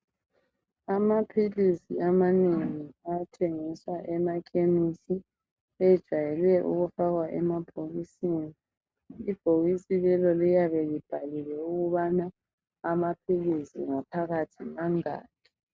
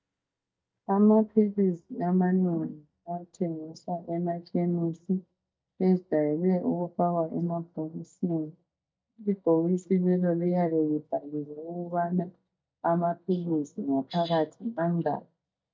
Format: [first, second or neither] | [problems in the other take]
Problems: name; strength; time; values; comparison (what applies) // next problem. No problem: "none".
first | noise reduction (neural mask model DeepFilterNet 3)